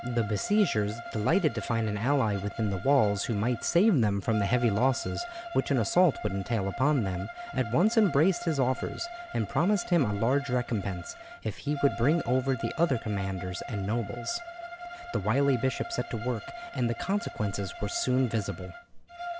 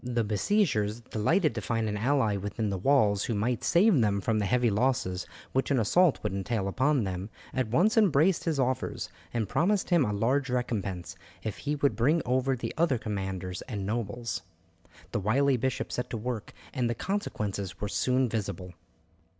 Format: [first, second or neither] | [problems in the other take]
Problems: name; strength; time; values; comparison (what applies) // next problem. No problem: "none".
second | background sound (Bowed string instrument); 12 dB below the speech